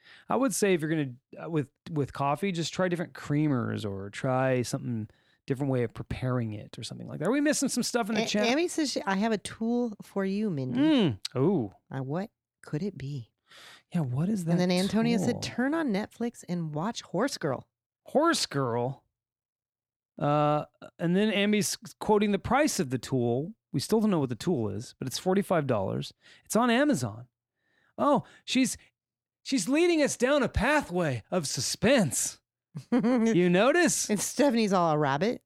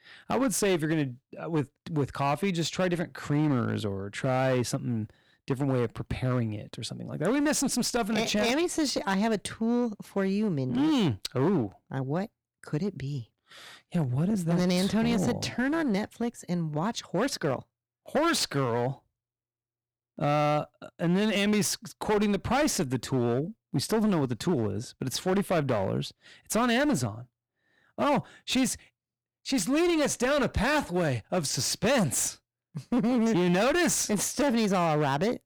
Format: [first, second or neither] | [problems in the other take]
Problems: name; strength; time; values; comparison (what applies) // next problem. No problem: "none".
first | distortion; slight; 13% of the sound clipped